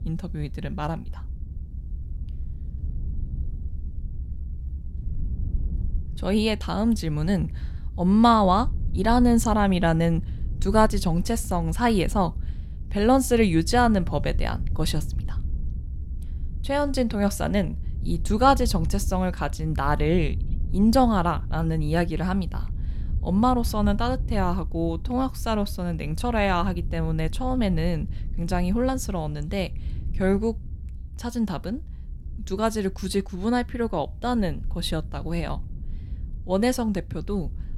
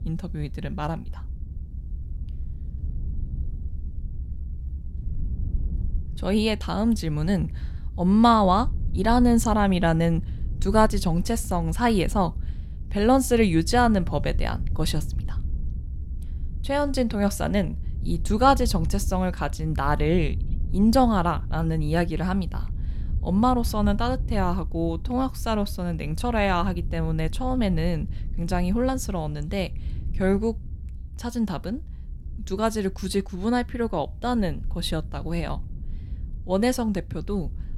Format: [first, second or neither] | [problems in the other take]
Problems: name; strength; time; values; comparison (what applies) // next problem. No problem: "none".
neither | low rumble; faint; throughout; 25 dB below the speech; the same in both